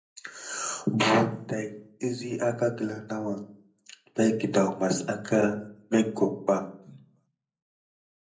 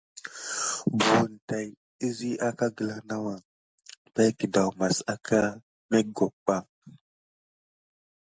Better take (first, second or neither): second